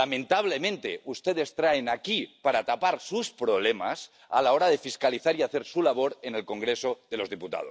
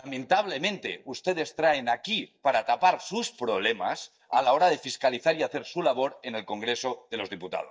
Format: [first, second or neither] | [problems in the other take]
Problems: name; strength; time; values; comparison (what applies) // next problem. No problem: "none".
first | noise reduction (neural mask model DeepFilterNet 3)